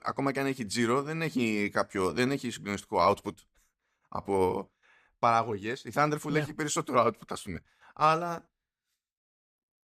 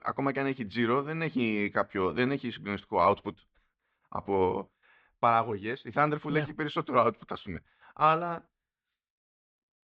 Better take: first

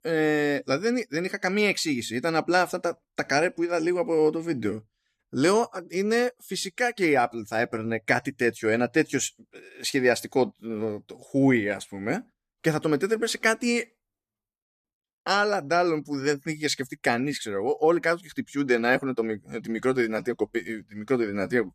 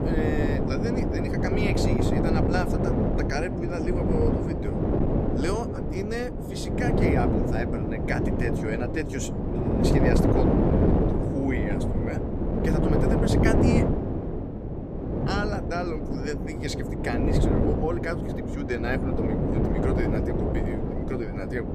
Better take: first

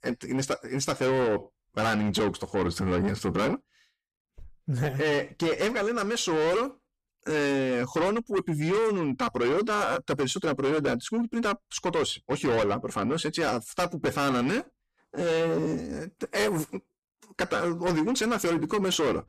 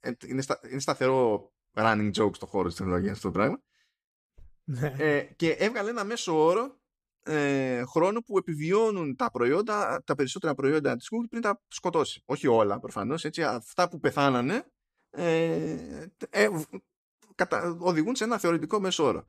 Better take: second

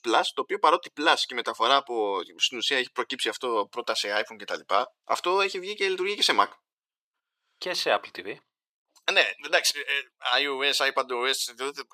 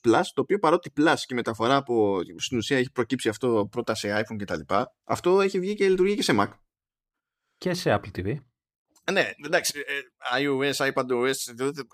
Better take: second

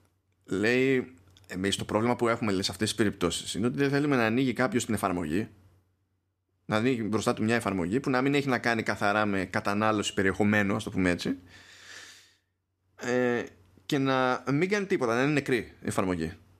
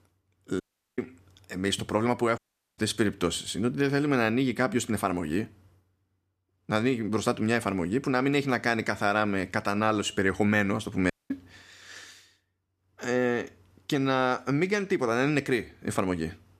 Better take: first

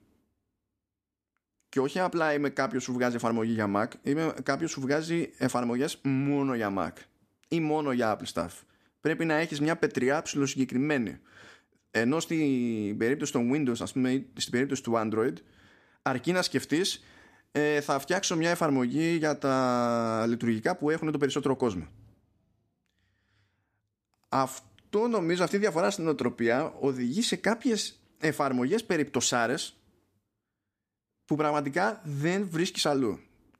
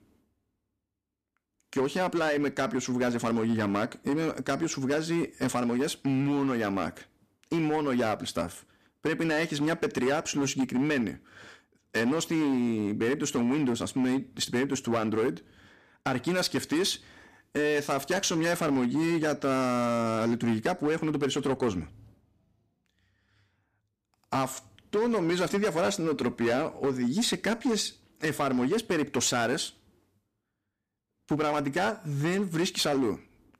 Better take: first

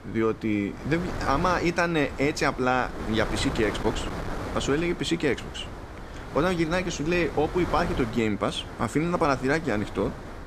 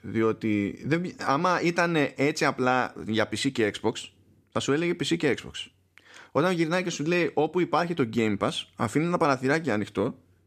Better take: second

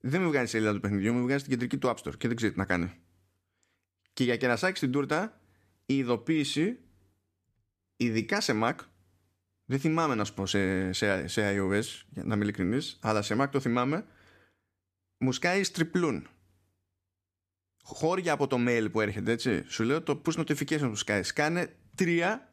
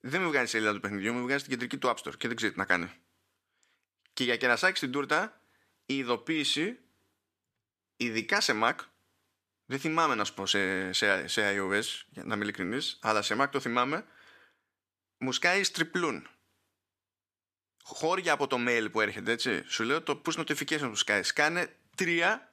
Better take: first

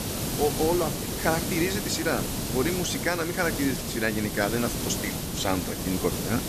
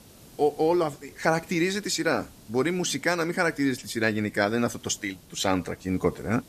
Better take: second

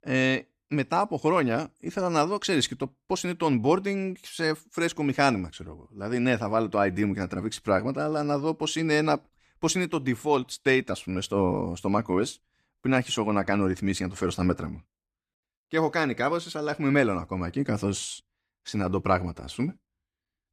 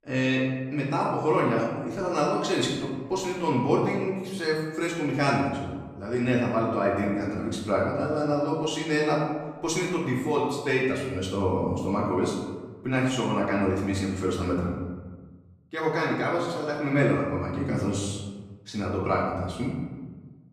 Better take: first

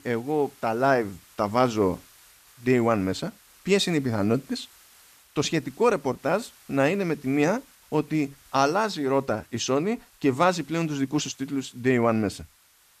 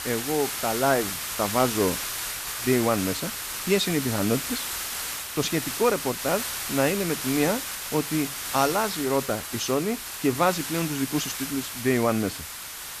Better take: first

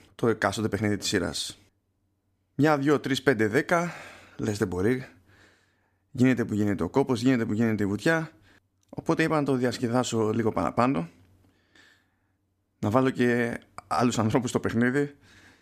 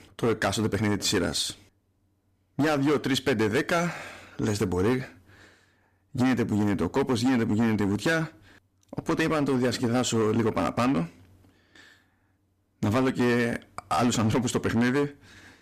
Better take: first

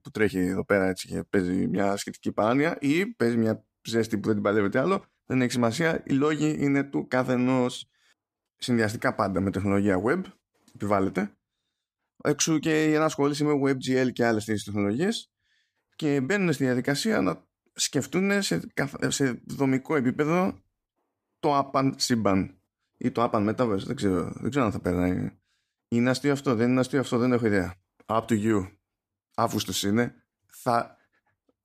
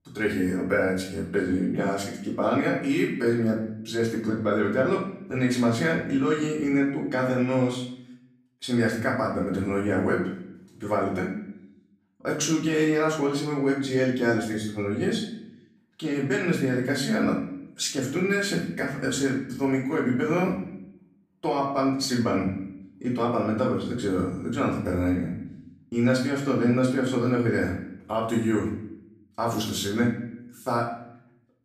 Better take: first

